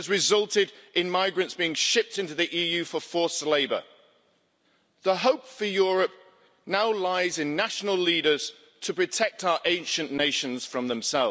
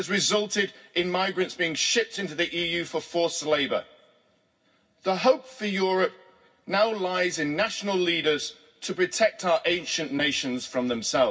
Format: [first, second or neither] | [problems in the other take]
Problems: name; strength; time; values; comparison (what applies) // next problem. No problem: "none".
first | room echo; dies away in 0.4 s